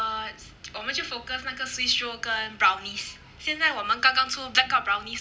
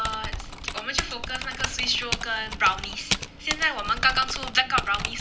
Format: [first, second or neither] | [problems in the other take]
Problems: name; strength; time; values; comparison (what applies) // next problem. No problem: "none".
first | background sound (Typing); 5 dB below the speech